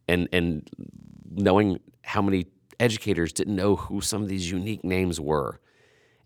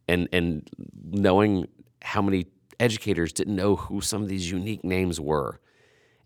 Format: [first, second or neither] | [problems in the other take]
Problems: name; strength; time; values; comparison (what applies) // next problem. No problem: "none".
second | audio freezing; at 1 s